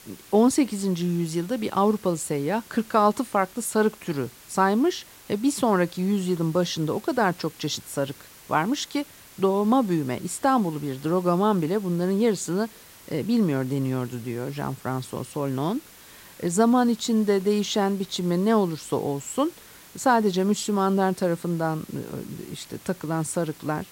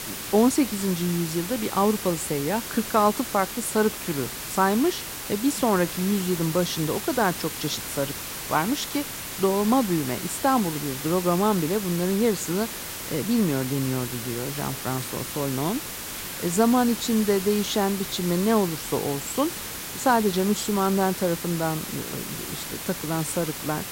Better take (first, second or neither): first